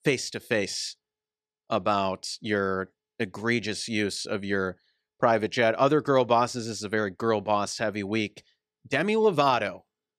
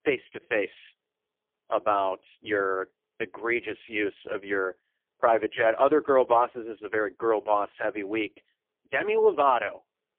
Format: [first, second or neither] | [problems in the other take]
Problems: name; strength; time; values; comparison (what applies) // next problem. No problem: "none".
first | phone-call audio; poor line; nothing above 3 kHz